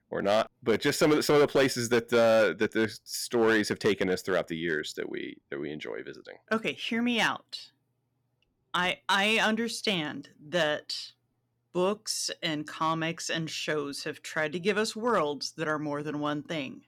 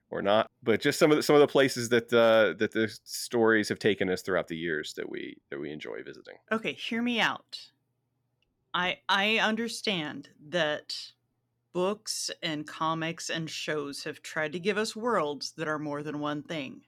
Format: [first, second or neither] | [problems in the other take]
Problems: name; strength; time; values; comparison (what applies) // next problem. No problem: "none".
second | distortion; slight; 3% of the sound clipped